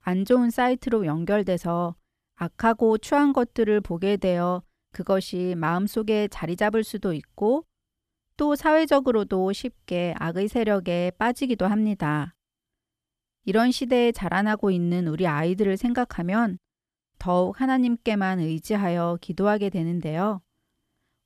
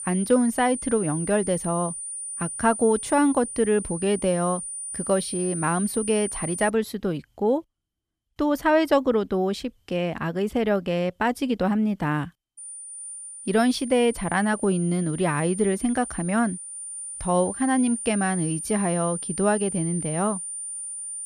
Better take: first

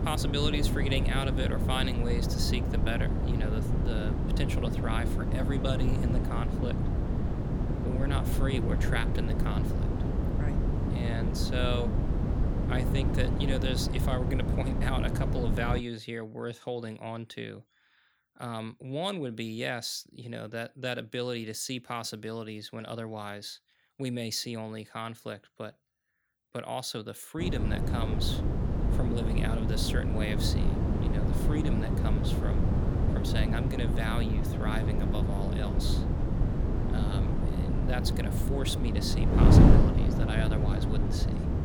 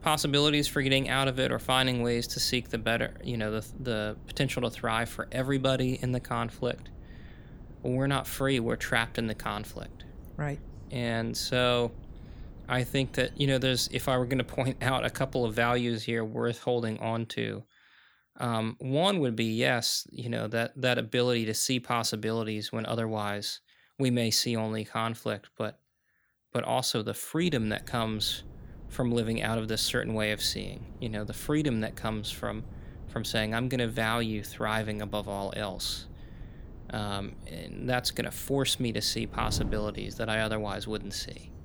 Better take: second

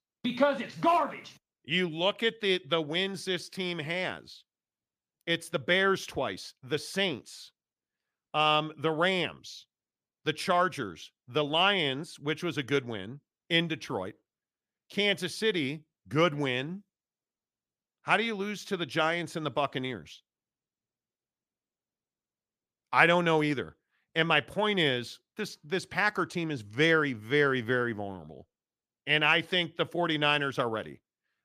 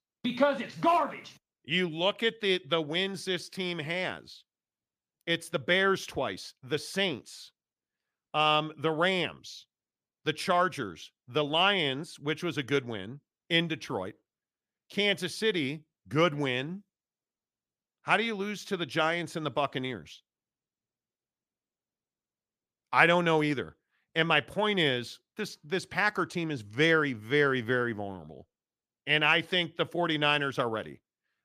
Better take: neither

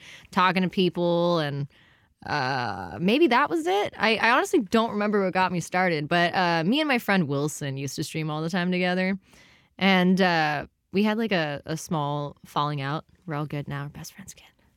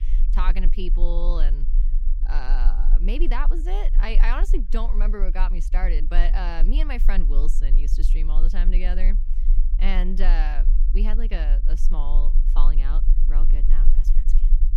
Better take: first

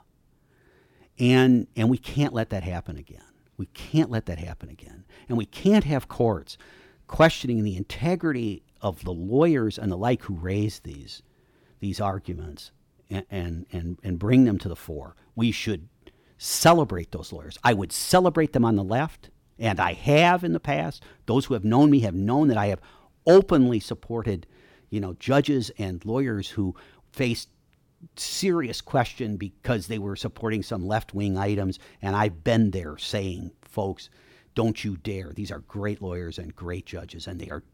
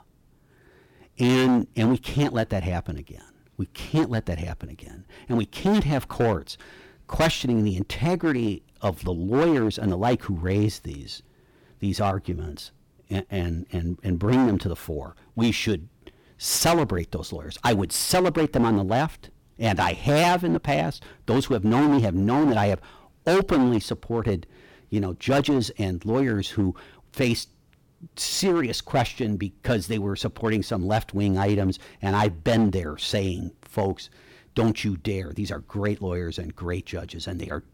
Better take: first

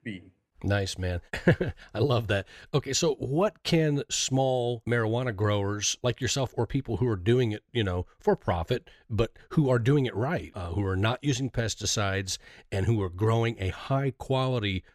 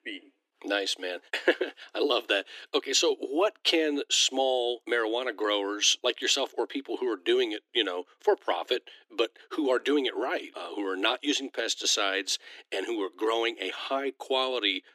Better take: first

